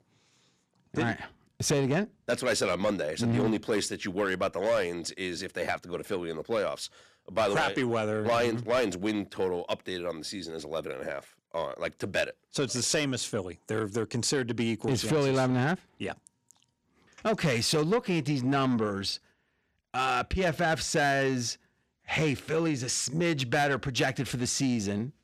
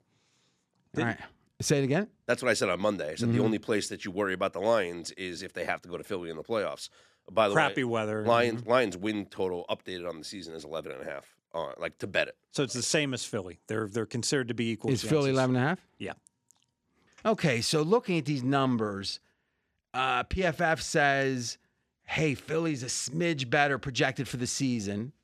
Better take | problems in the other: second | distortion; slight; 10 dB below the speech

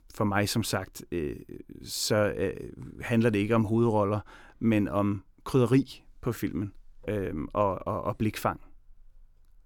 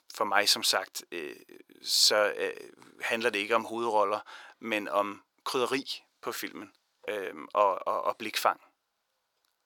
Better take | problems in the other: first | thin; very; fading below 700 Hz

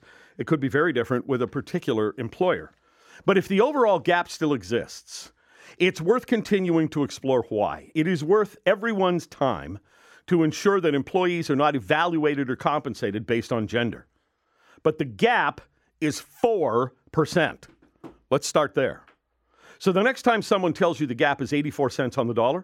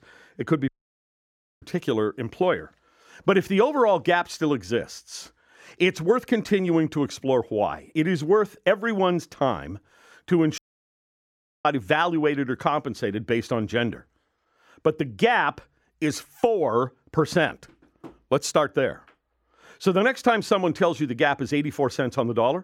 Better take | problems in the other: first | audio cutting out; at 0.5 s for 1 s and at 11 s for 1 s

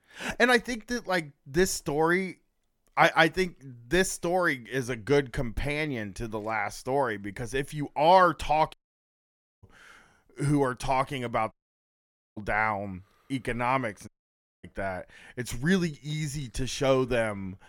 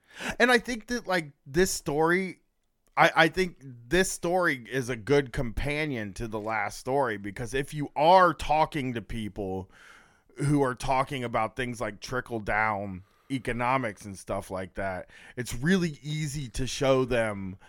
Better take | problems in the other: second | audio cutting out; at 8.5 s for 1 s, at 12 s for 1 s and at 14 s for 0.5 s

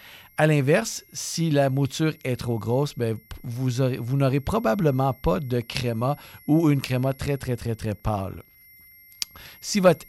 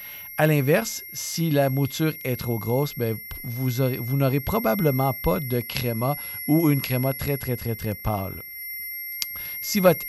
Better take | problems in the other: first | high-pitched whine; loud; throughout; 2 kHz, 8 dB below the speech; faint in the first

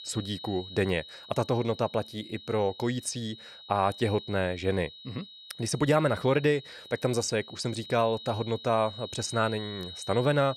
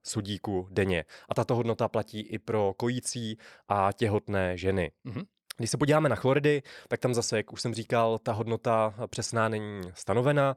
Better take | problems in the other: second | high-pitched whine; noticeable; throughout; 4 kHz, 15 dB below the speech

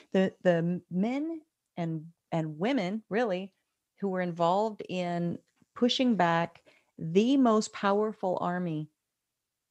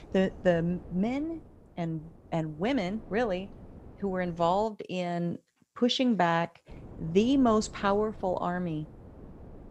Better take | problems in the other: first | wind noise on the microphone; occasional gusts; until 4.5 s and from 6.5 s on; 25 dB below the speech

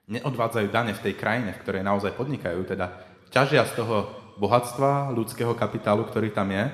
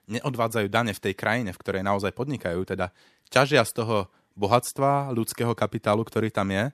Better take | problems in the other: second | room echo; very slight; dies away in 1.3 s

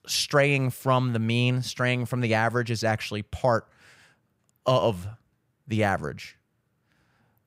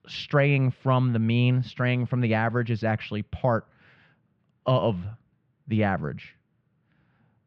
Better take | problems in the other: first | muffled; slightly; fading above 3.5 kHz

